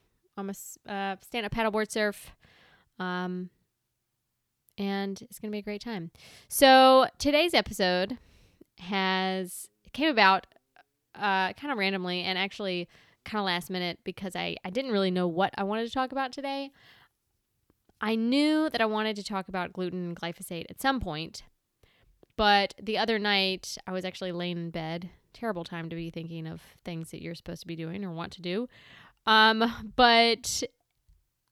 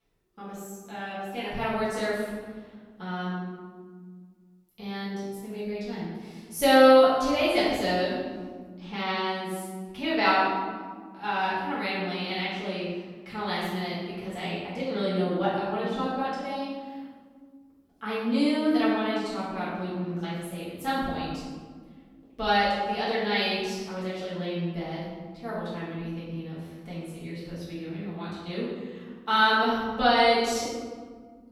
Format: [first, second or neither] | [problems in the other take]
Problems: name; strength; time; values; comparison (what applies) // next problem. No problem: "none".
first | room echo; strong; dies away in 1.4 s // off-mic speech; far